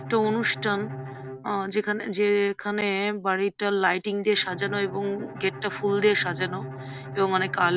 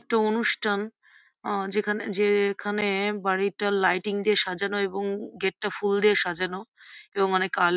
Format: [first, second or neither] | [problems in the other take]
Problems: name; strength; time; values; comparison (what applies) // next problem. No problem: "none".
second | background sound (Bowed string instrument); 13 dB below the speech